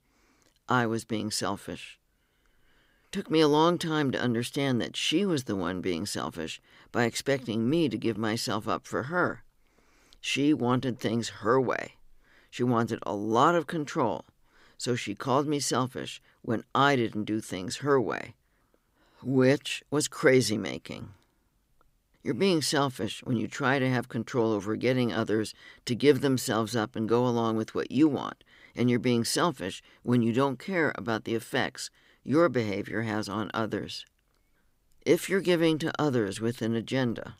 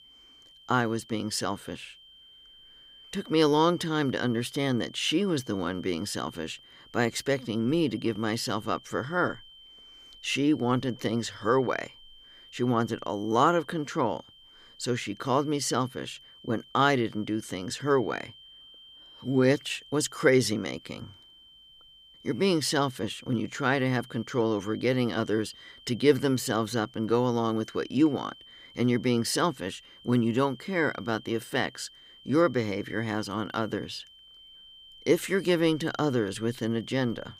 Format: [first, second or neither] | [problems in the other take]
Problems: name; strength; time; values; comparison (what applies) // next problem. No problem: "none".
first | high-pitched whine; faint; throughout; 3 kHz, 20 dB below the speech